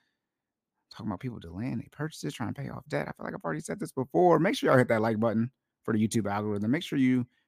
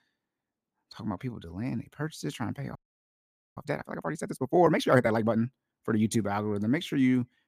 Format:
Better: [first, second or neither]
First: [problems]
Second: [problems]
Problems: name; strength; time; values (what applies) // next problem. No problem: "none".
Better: first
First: none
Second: audio freezing; at 3 s for 1 s